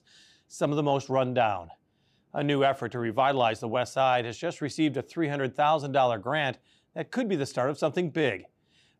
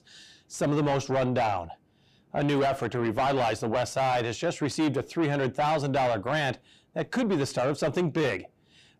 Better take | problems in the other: first | distortion; heavy; 7 dB below the speech

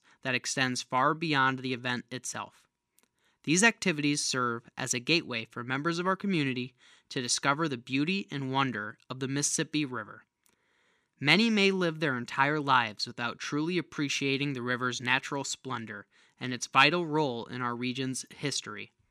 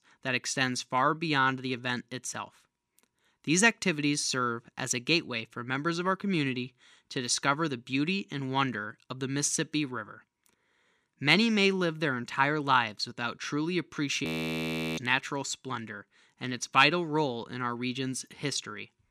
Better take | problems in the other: first | audio freezing; at 14 s for 0.5 s

